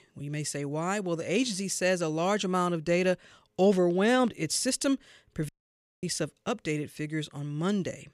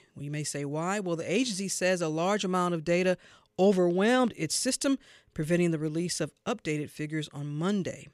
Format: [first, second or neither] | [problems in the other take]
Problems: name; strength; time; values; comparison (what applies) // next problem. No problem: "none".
second | audio cutting out; at 5.5 s for 0.5 s